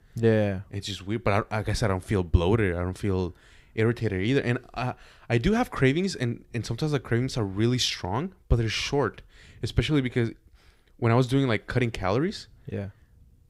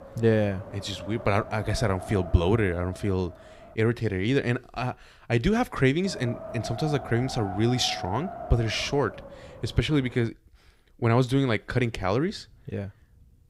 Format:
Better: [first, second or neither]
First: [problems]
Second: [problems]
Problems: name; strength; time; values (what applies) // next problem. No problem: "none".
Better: first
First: none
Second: wind noise on the microphone; heavy; until 4 s and from 6 to 10 s; 10 dB below the speech